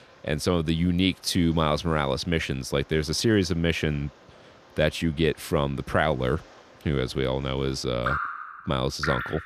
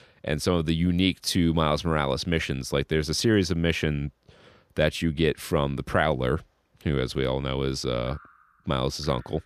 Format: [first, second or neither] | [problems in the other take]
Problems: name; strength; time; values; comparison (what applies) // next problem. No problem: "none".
second | rain or running water; loud; throughout; 7 dB below the speech; faint in the second